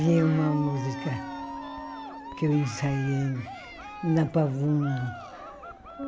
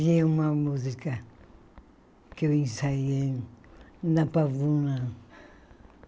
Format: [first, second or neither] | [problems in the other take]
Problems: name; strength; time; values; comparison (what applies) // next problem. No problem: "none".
second | background sound (Bass guitar + Cheering); 10 dB below the speech